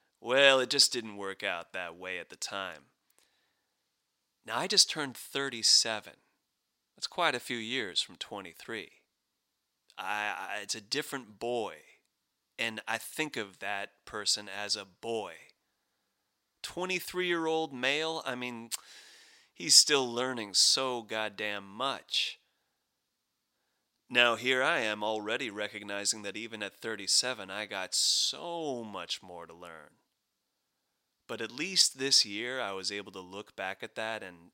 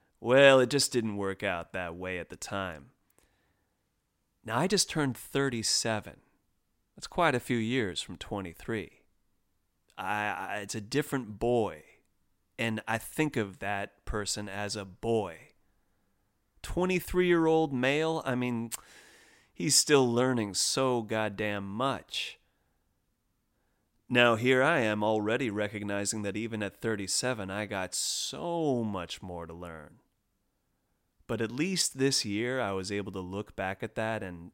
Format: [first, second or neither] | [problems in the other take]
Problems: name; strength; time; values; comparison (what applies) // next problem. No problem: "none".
second | thin; very slightly; fading below 600 Hz